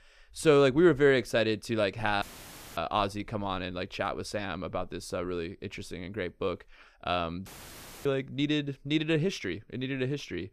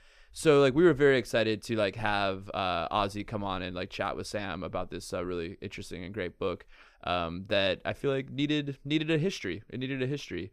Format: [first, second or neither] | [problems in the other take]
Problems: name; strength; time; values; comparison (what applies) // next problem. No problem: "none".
second | audio cutting out; filled with static; at 2 s for 0.5 s and at 7.5 s for 0.5 s